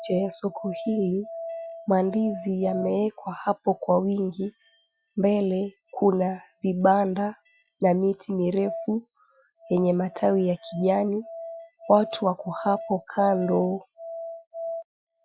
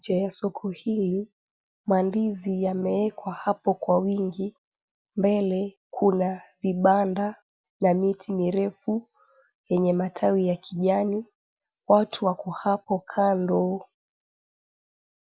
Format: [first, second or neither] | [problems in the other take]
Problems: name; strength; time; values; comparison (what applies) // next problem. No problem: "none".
second | noise reduction (classical method Wiener filter)